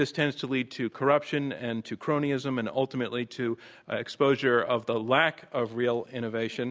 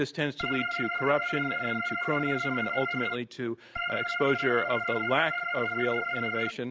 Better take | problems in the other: first | background sound (Organ); 1 dB below the speech

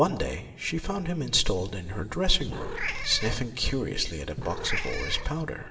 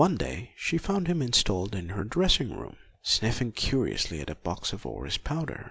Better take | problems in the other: second | background sound (Meow / Purr); 5 dB below the speech // room echo; dies away in 2.1 s

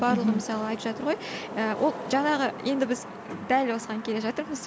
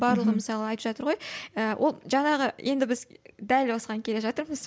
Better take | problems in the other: second | background sound (Wind / Rain); 11 dB below the speech

